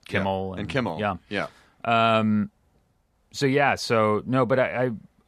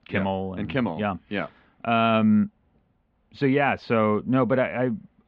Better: first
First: none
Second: muffled; slightly; fading above 3 kHz

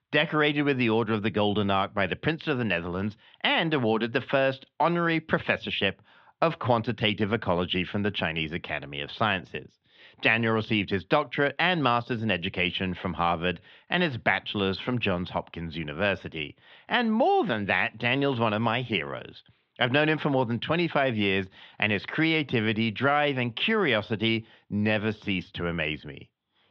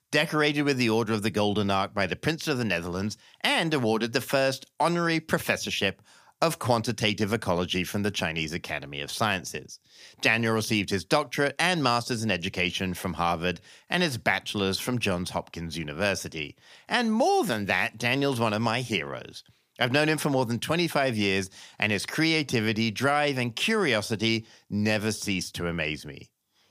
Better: second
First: muffled; very; fading above 3.5 kHz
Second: none

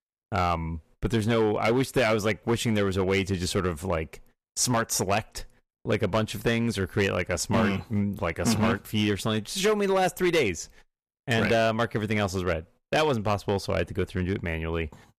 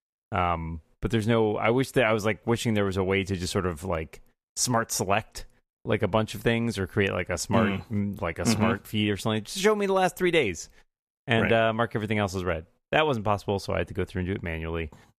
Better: second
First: distortion; slight; 5% of the sound clipped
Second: none

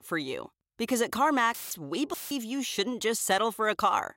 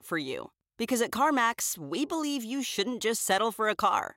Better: second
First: audio cutting out; filled with static; at 1.5 s and at 2 s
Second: none

